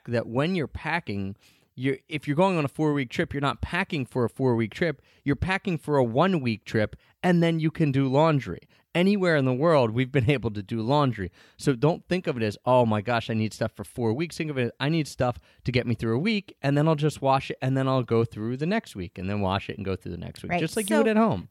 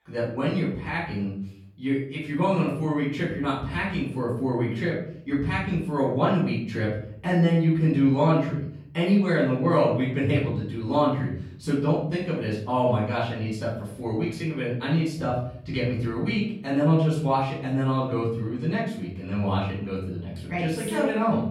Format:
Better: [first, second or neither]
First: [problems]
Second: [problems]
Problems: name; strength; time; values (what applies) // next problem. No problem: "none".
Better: first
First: none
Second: off-mic speech; far // room echo; noticeable; dies away in 0.7 s